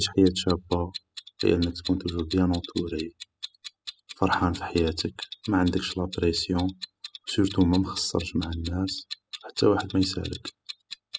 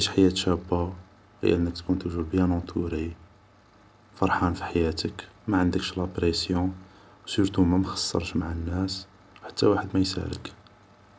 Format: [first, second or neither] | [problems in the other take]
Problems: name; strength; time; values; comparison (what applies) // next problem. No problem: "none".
second | noise reduction (classical method spectral subtraction)